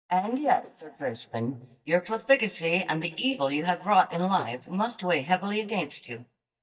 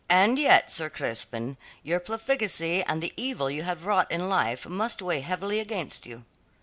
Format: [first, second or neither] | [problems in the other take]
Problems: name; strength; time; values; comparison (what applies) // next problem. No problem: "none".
second | noise reduction (neural mask model DeepFilterNet 3)